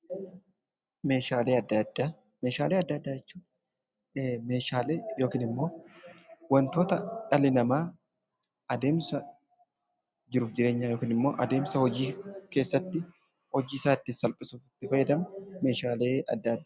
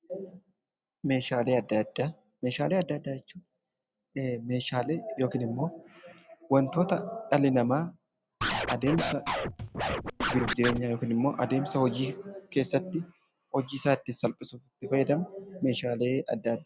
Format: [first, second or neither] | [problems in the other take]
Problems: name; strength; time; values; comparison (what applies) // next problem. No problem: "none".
first | background sound (Scratching (performance technique)); 2 dB below the speech